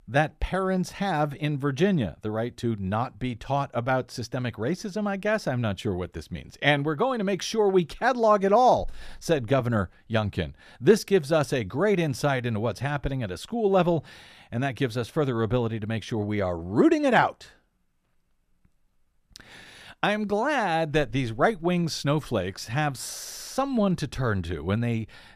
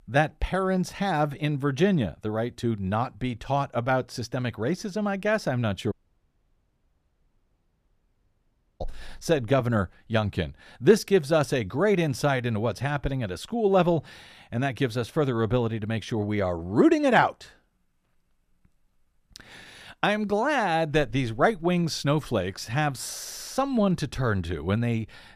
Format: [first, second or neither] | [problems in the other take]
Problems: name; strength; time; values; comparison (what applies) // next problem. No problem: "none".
first | audio cutting out; at 6 s for 3 s